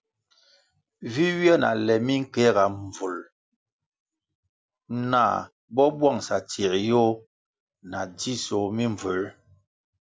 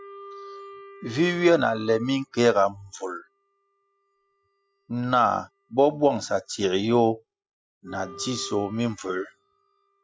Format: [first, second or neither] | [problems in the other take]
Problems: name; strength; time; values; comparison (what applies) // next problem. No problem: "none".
first | noise reduction (classical method spectral subtraction)